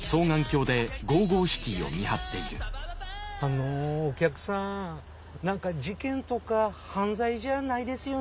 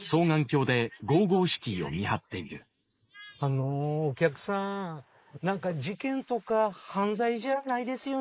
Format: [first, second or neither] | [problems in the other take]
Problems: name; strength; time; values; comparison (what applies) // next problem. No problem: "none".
first | noise reduction (neural mask model Resemble Enhance denoiser)